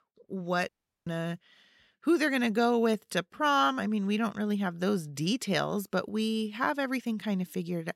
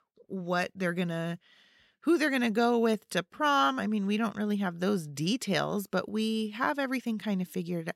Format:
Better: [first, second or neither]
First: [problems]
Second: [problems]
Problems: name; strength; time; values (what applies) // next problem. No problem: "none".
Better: second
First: audio cutting out; at 0.5 s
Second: none